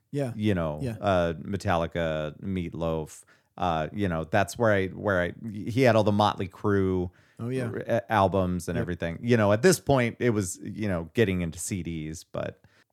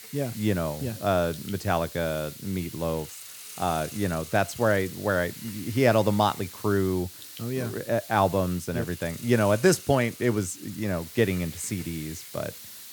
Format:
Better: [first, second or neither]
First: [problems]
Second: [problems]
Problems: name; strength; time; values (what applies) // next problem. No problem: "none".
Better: first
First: none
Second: hiss; noticeable; throughout; 15 dB below the speech